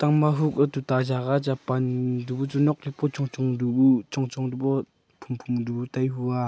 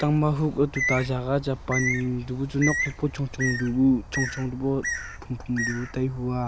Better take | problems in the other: first | background sound (Bird); 7 dB below the speech

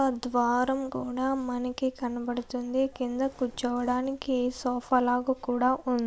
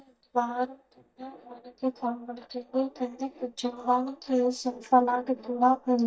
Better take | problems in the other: first | noise reduction (neural mask model DeepFilterNet 3)

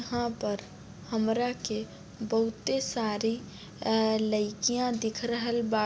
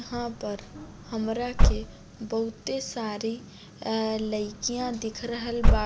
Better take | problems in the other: first | background sound (Slam / Car); 4 dB above the speech

